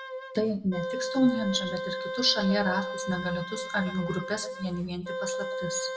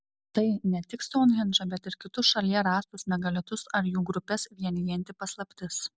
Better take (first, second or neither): second